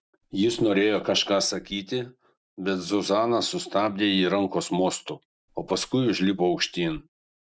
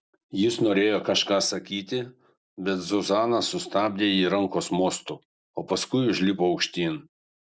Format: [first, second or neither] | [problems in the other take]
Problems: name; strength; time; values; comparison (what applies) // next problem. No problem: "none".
second | noise reduction (neural mask model RNNoise)